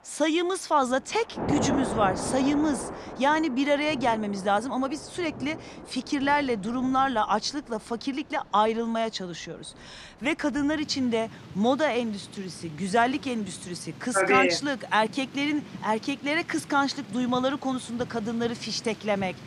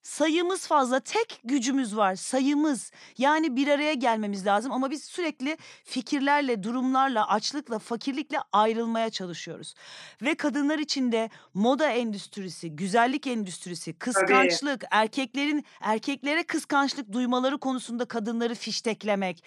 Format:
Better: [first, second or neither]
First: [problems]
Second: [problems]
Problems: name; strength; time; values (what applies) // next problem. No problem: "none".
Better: second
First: rain or running water; noticeable; throughout; 10 dB below the speech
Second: none